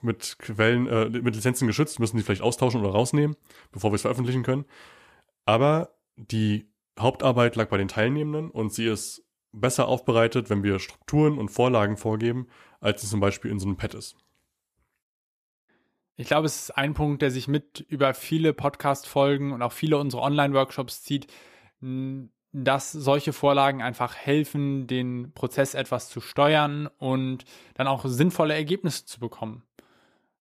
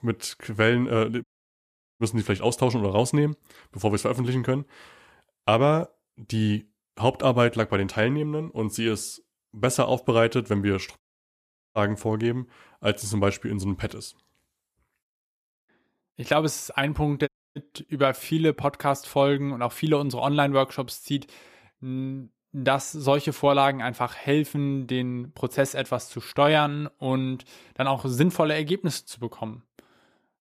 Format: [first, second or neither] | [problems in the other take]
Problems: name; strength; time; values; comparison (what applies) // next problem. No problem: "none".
first | audio cutting out; at 1 s for 1 s, at 11 s for 1 s and at 17 s